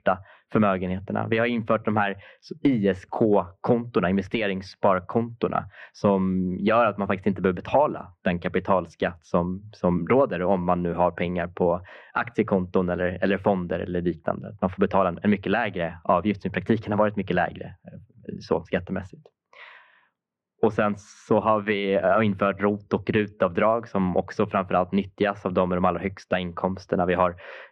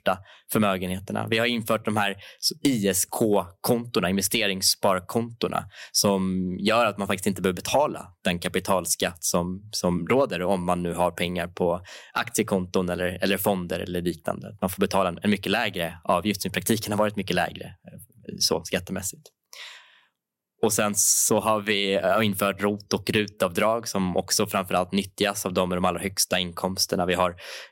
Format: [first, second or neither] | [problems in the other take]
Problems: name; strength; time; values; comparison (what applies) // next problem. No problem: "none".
second | muffled; very; fading above 2 kHz